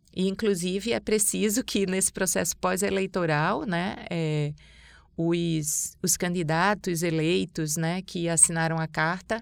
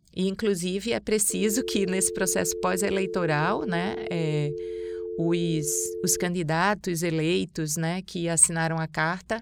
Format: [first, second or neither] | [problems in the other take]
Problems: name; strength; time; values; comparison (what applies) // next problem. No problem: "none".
first | phone ringing; noticeable; from 1.5 to 6.5 s; peak 8 dB below the speech